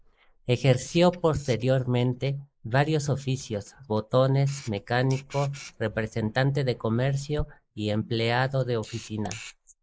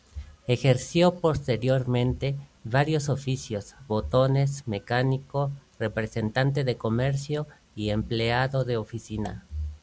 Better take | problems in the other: second | noise reduction (neural mask model Resemble Enhance denoiser)

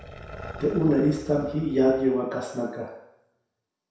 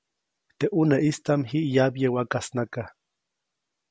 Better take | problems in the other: second | background sound (Growling); 18 dB below the speech // room echo; dies away in 0.7 s

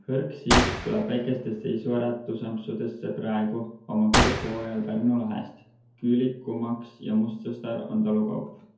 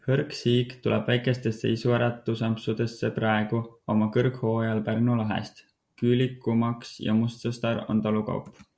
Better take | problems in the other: second | background sound (Gunshot, gunfire); 3 dB below the speech // room echo; dies away in 0.5 s

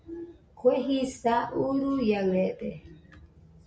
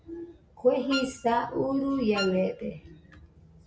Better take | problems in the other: first | background sound (Wind instrument, woodwind instrument); 9 dB below the speech

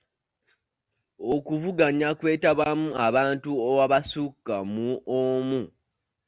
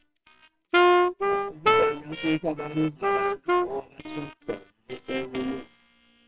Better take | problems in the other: first | noise reduction (neural separator model SepFormer WHAMR!)

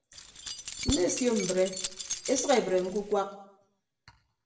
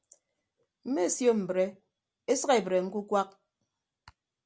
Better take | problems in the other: second | background sound (Keys jangling); 6 dB below the speech // room echo; dies away in 0.6 s

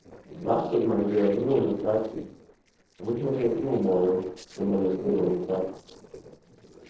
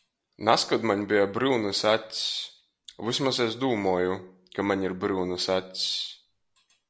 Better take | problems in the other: second | noise reduction (neural separator model SepFormer DNS4)

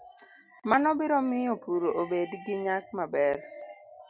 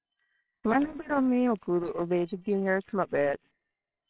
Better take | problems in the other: first | noise reduction (neural separator model SepFormer WHAMR!)

